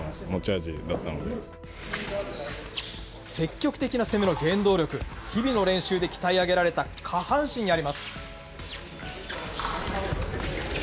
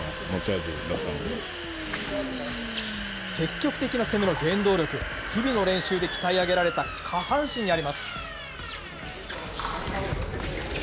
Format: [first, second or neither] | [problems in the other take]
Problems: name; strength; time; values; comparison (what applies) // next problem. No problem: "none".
first | background sound (Domestic sounds, home sounds); 7 dB below the speech